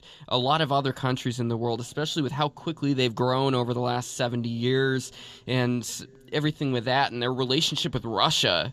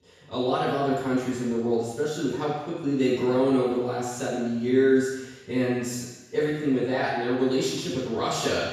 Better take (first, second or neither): first